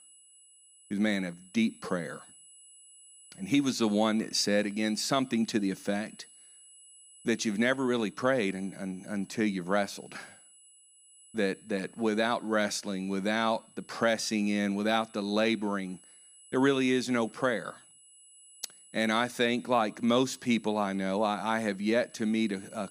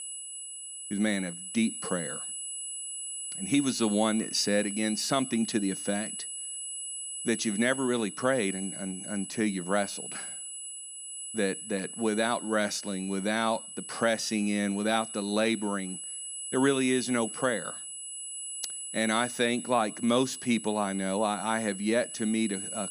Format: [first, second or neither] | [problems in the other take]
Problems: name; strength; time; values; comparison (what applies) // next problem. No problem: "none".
first | high-pitched whine; loud; throughout; 10 kHz, 7 dB below the speech; faint in the first